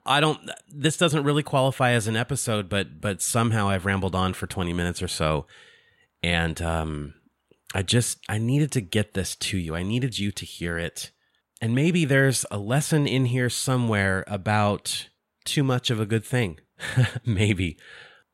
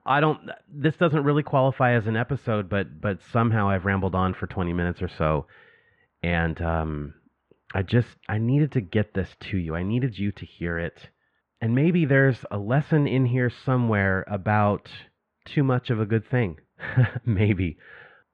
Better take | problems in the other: first | muffled; very; fading above 2 kHz

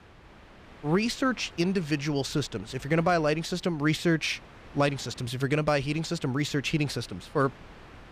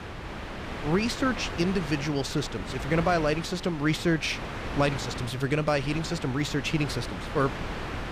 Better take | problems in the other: first | wind noise on the microphone; heavy; 7 dB below the speech; occasional gusts in the first

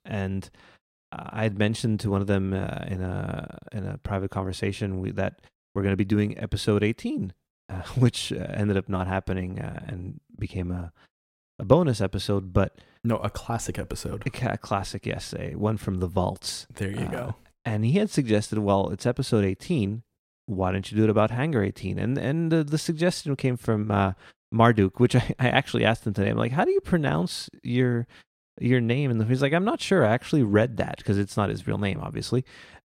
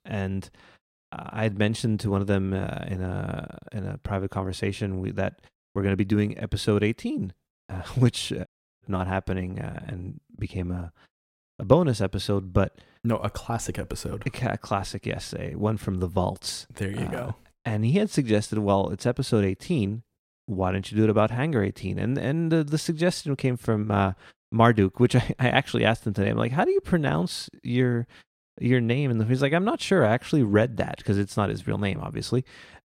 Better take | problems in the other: first | audio cutting out; at 8.5 s

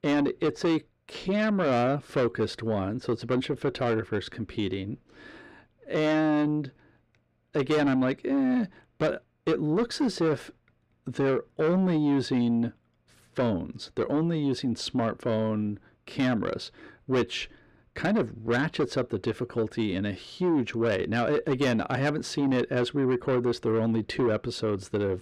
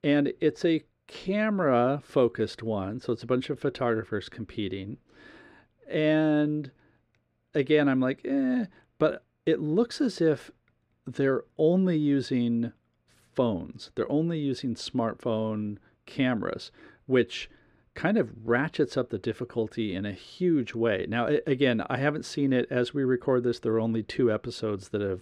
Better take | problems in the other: second | distortion; slight; 10 dB below the speech

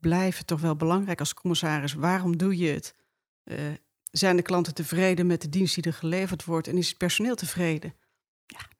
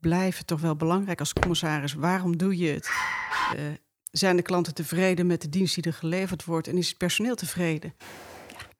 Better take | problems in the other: first | footsteps; noticeable; at 1.5 s; peak 2 dB below the speech // dog barking; noticeable; at 3 s; peak level with the speech // footsteps; faint; at 8 s; peak 15 dB below the speech

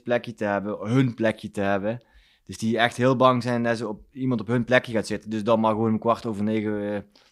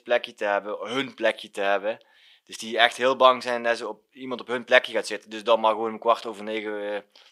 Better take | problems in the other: first | thin; very; fading below 550 Hz

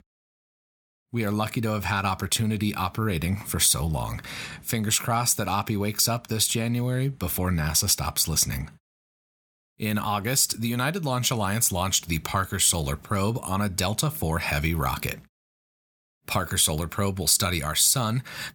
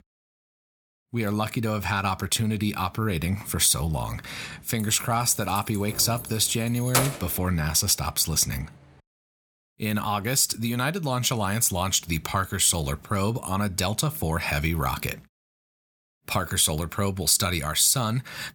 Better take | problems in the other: first | jangling keys; loud; from 5 to 7 s; peak level with the speech

